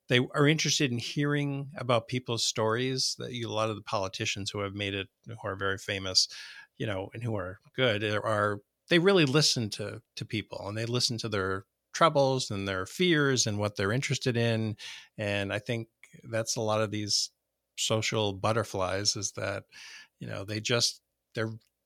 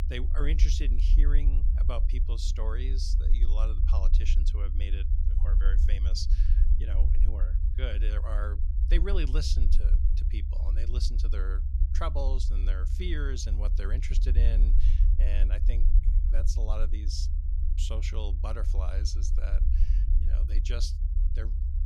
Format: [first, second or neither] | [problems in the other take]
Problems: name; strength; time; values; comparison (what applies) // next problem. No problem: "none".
first | low rumble; loud; throughout; 8 dB below the speech